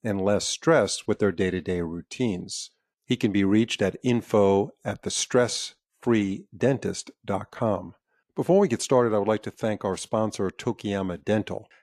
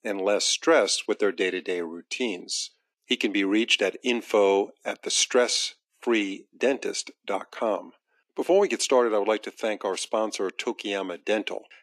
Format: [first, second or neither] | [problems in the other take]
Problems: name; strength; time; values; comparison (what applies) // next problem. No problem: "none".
first | thin; somewhat; fading below 250 Hz